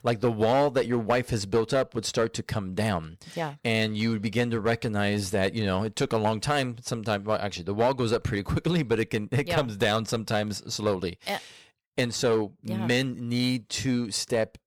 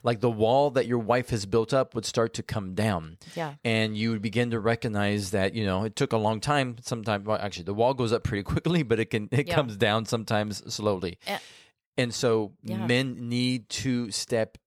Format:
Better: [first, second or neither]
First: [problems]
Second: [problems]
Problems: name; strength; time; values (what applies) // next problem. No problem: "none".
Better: second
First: distortion; slight; 5% of the sound clipped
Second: none